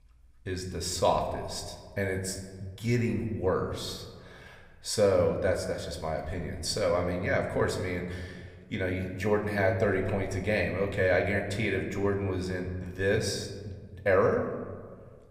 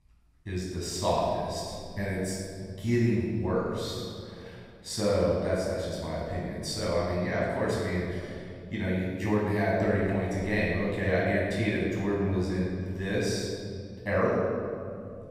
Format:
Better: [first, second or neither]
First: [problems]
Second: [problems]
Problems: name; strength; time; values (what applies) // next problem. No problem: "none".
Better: first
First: room echo; slight; dies away in 1.1 s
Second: room echo; strong; dies away in 2 s // off-mic speech; far